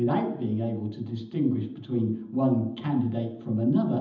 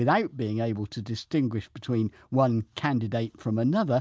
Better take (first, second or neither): second